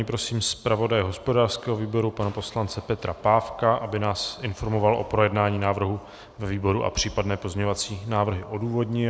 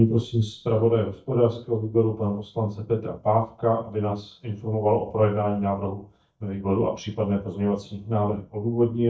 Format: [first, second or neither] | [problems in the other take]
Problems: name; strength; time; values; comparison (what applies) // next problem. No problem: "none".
first | noise reduction (neural mask model DeepFilterNet 3)